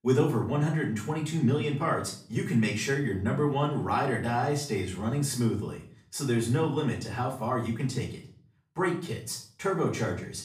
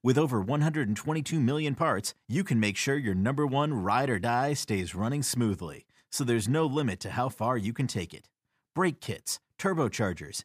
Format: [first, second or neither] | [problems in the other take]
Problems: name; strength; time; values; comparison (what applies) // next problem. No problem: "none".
second | room echo; slight; dies away in 0.4 s // off-mic speech; far